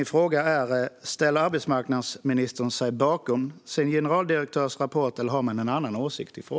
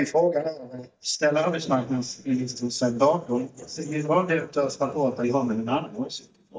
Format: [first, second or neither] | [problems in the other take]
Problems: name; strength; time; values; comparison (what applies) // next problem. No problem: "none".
first | noise reduction (neural mask model DeepFilterNet 3)